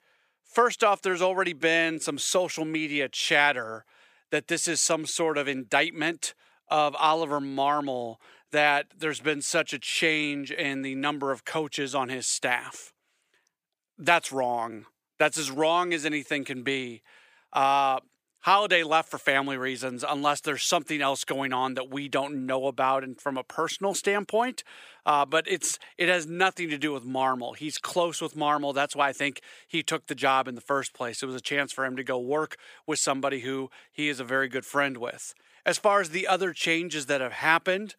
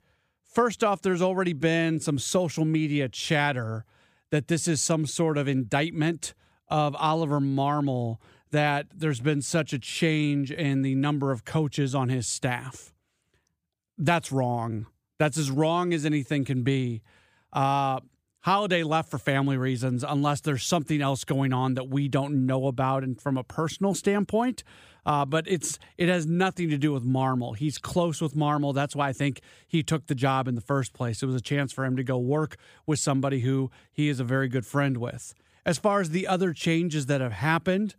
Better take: second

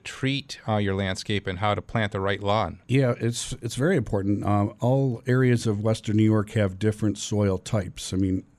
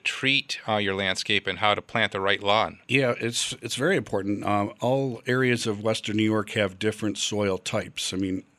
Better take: first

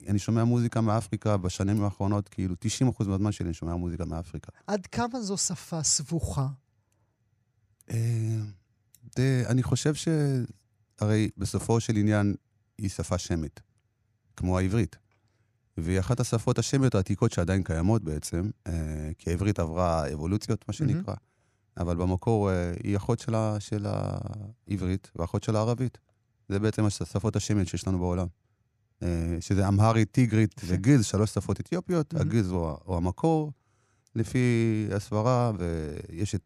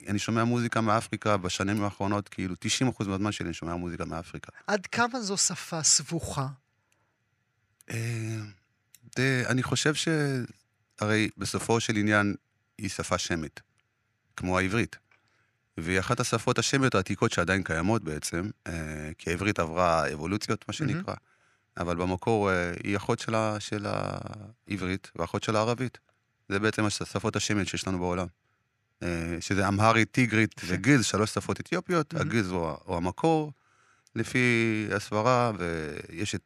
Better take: first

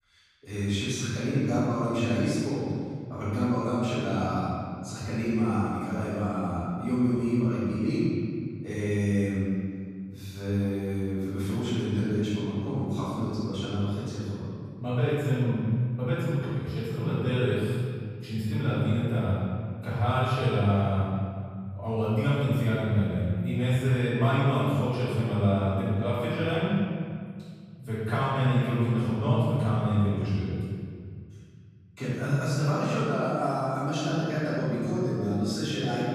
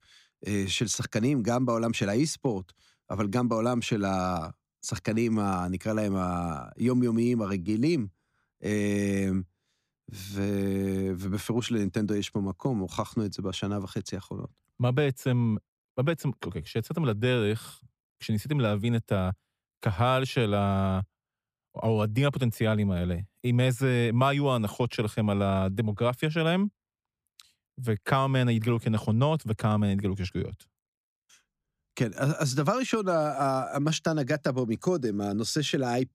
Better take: second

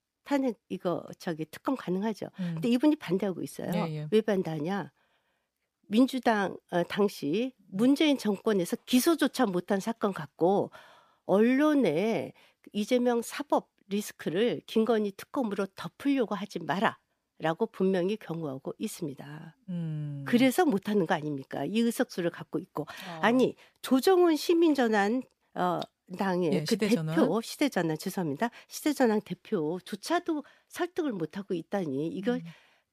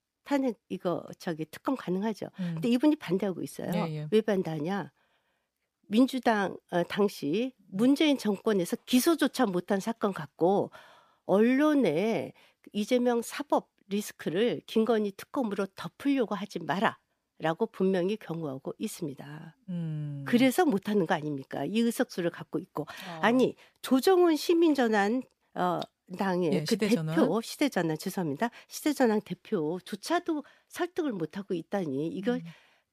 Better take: neither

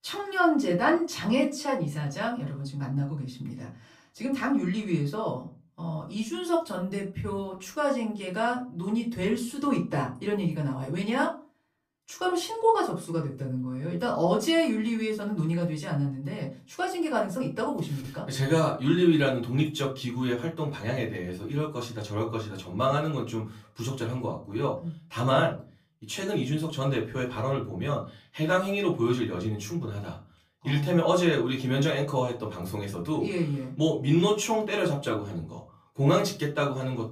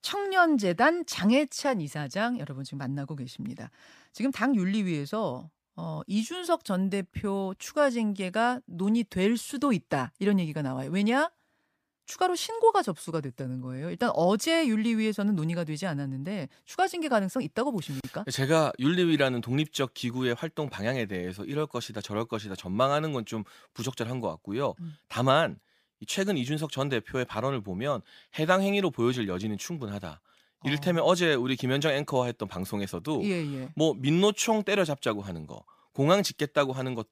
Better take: second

